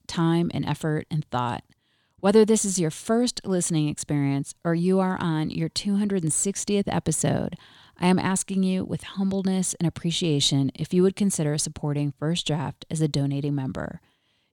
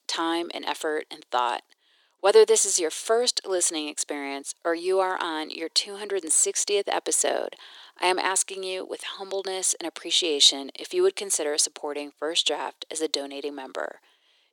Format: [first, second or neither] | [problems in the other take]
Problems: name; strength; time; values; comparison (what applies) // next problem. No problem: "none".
first | thin; very; fading below 350 Hz